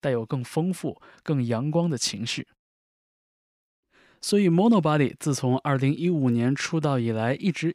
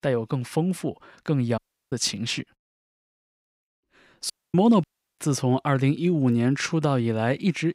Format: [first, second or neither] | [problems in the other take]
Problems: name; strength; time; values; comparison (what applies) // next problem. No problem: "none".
first | audio cutting out; at 1.5 s, at 4.5 s and at 5 s